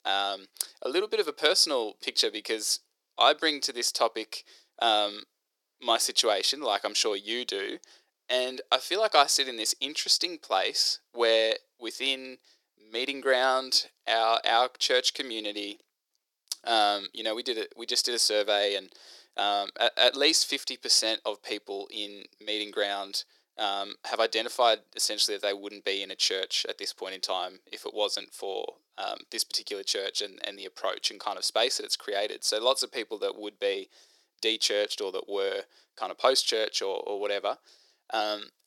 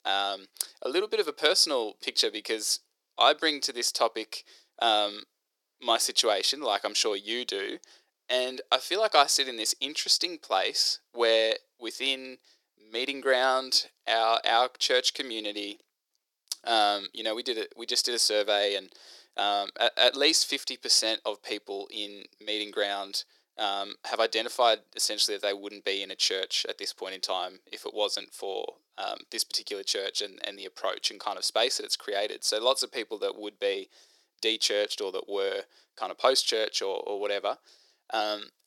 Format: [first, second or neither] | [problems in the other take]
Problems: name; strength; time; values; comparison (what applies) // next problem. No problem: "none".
neither | thin; very; fading below 350 Hz; the same in both